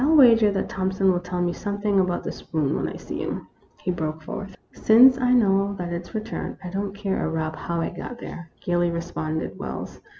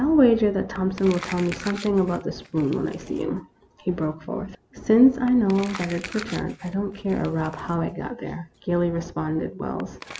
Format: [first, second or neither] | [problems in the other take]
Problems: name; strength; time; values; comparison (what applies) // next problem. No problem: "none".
first | background sound (Crumpling, crinkling); 19 dB below the speech